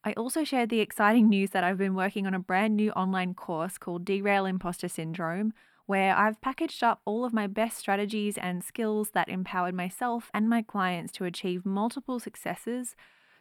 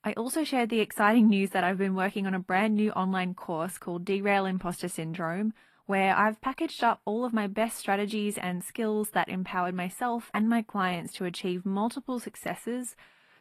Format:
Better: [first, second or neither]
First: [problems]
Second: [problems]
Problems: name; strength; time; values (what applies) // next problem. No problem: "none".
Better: first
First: none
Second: garbled, watery; slightly